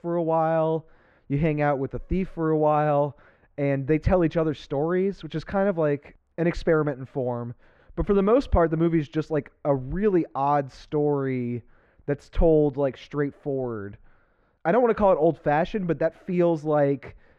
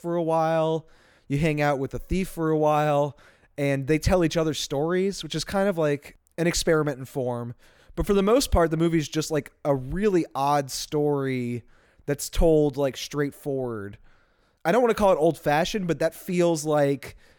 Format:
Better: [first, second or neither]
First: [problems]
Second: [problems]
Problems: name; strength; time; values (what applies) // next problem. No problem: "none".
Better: second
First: muffled; very; fading above 2 kHz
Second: none